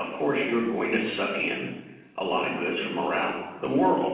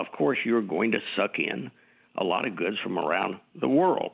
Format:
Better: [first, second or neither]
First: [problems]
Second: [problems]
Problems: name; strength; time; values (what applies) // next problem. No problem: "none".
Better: second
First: room echo; dies away in 0.9 s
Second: none